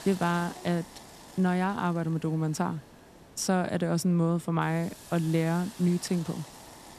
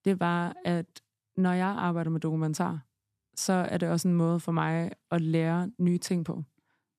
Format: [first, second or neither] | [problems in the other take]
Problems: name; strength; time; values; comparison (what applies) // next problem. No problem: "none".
second | hiss; noticeable; throughout; 20 dB below the speech